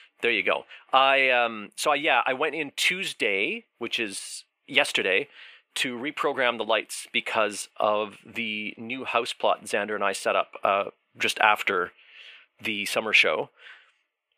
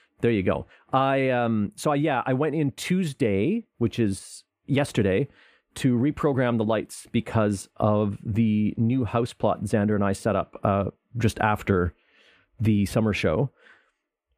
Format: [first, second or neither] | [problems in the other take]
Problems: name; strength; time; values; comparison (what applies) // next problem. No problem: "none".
second | thin; very; fading below 650 Hz